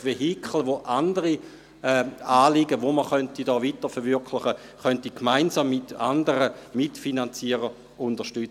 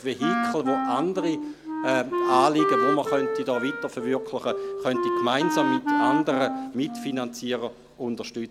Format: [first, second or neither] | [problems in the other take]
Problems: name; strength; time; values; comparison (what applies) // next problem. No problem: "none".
first | background sound (Wind instrument, woodwind instrument); 1 dB below the speech